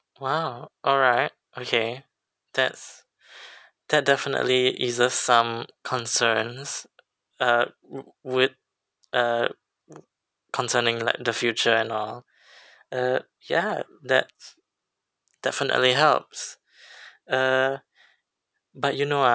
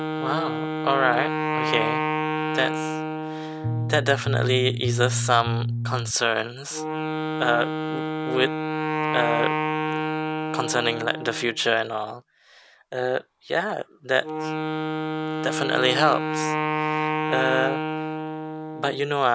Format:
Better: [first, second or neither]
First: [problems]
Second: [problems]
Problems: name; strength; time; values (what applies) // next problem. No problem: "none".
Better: first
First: none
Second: background sound (Wind instrument, woodwind instrument + Bass guitar); 1 dB below the speech